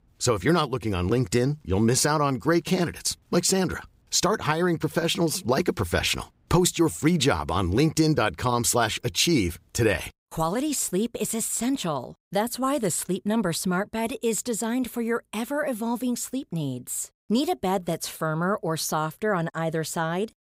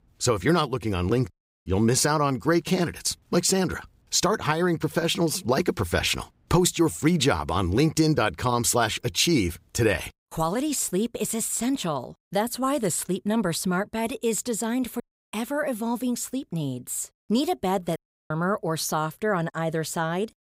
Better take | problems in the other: first | audio cutting out; at 1.5 s, at 15 s and at 18 s

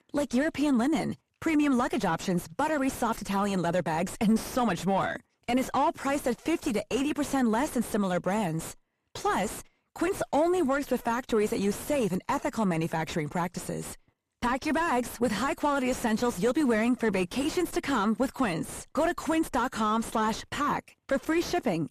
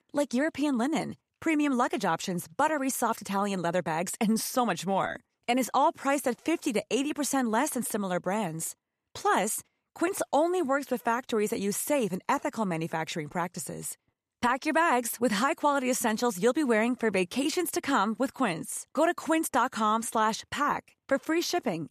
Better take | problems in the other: second | distortion; heavy; 6 dB below the speech

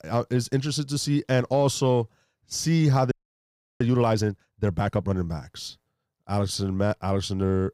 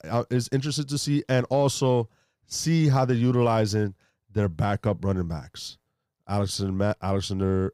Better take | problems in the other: second | audio freezing; at 3 s for 0.5 s

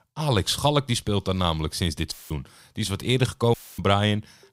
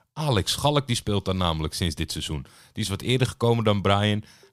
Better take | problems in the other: second | audio cutting out; filled with static; at 2 s and at 3.5 s

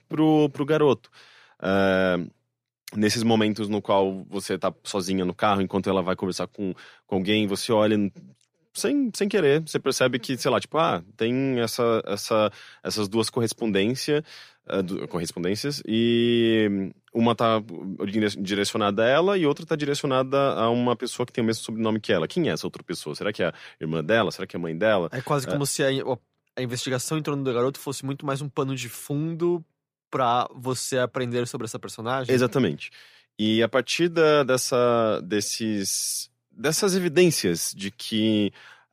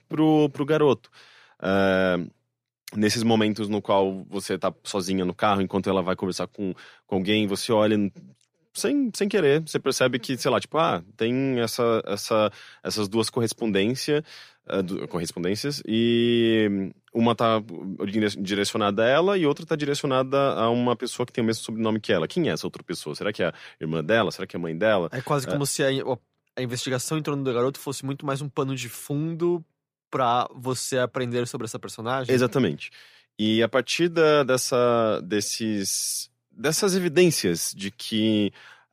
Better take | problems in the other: neither | none

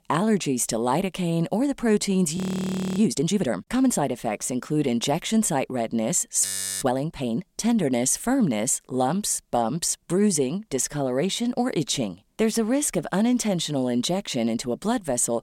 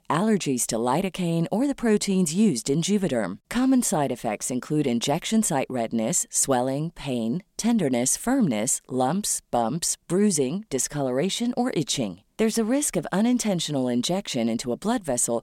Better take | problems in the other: second | audio freezing; at 2.5 s for 0.5 s and at 6.5 s

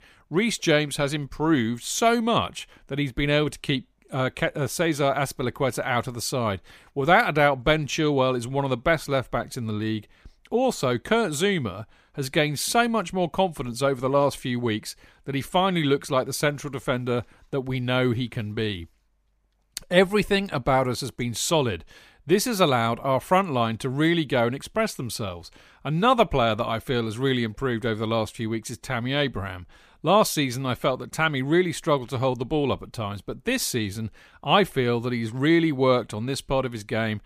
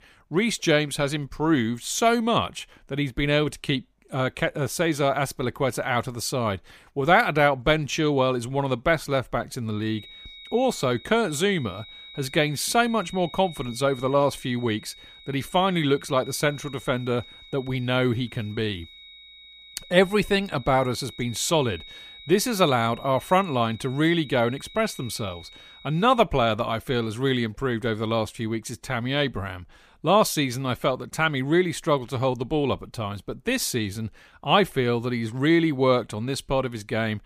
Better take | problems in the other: first | high-pitched whine; noticeable; from 10 to 26 s; 4 kHz, 20 dB below the speech

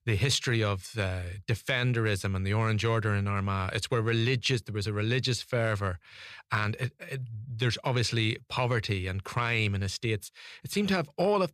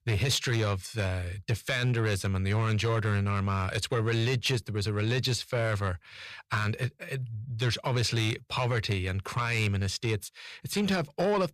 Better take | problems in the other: first | distortion; slight; 10 dB below the speech

